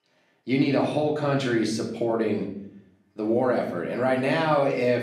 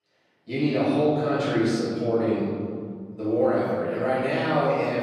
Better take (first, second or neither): first